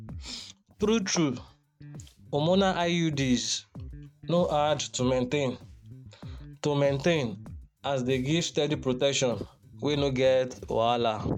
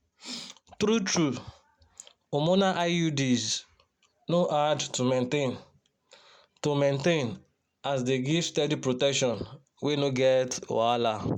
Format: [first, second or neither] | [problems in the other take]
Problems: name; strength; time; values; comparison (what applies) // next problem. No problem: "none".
second | noise reduction (neural mask model RNNoise)